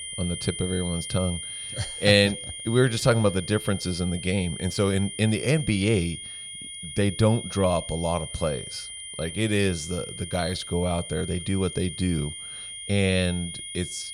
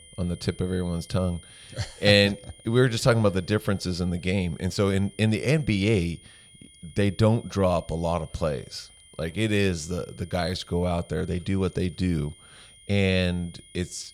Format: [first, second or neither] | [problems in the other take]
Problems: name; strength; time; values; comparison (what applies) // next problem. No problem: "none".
second | high-pitched whine; loud; throughout; 3 kHz, 9 dB below the speech; faint in the second